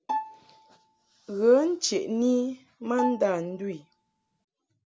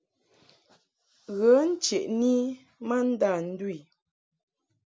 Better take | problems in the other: second | background sound (Bowed string instrument); 9 dB below the speech

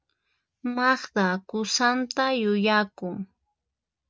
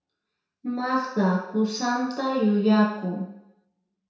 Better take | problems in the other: first | room echo; dies away in 0.7 s

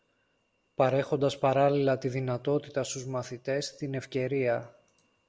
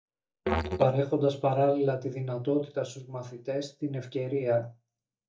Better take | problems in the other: first | noise reduction (neural mask model DeepFilterNet 3)

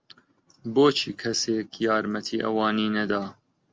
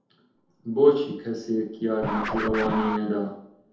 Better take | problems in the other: first | background sound (Scratching (performance technique)); 8 dB below the speech // room echo; dies away in 0.8 s

